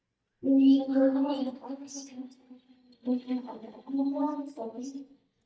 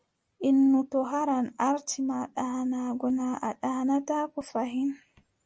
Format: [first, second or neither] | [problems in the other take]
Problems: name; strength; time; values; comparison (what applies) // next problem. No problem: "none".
second | noise reduction (neural mask model DeepFilterNet 3)